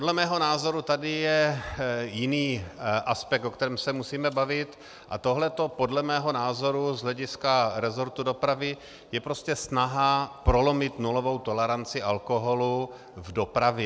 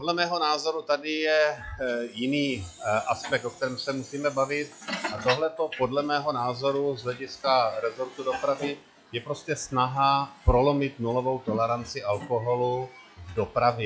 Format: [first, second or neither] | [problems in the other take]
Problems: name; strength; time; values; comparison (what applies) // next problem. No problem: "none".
first | noise reduction (classical method log-MMSE)